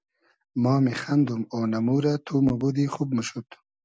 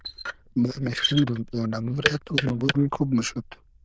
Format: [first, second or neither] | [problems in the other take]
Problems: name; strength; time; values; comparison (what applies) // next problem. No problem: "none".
first | noise reduction (neural diffusion model UNIVERSE++)